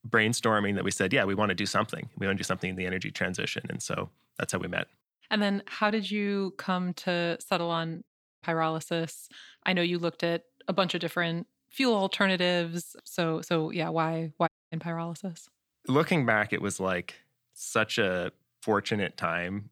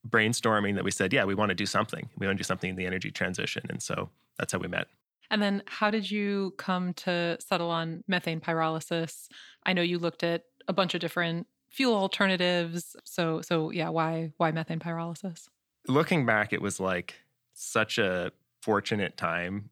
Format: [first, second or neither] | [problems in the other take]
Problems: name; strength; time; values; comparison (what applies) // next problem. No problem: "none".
second | audio cutting out; at 8 s and at 14 s